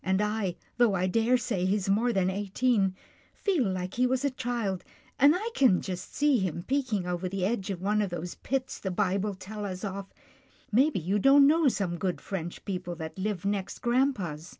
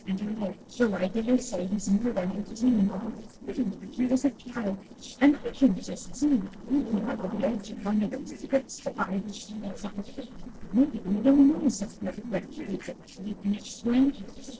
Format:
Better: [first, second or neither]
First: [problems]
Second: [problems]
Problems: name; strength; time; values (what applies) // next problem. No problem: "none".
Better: first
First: none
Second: noise reduction (neural separator model SepFormer DNS4)